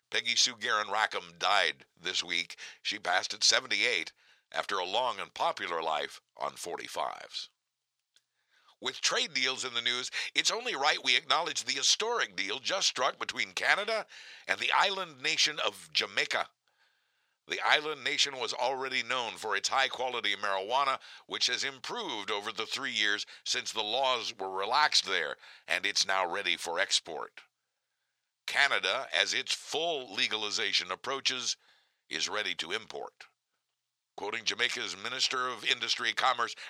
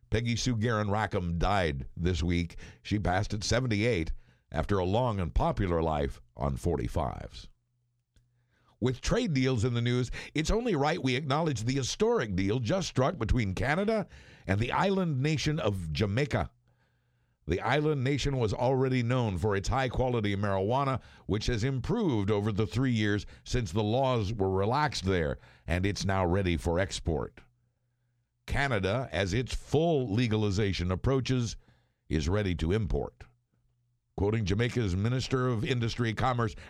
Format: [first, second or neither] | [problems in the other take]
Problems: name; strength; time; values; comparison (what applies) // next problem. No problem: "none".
second | thin; very; fading below 900 Hz